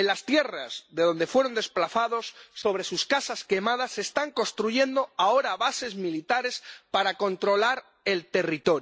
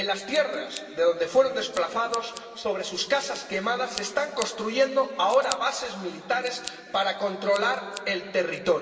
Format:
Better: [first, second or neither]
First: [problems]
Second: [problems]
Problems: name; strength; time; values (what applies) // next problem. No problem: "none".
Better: first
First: none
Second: background sound (Scissors); 18 dB below the speech // room echo; dies away in 2.7 s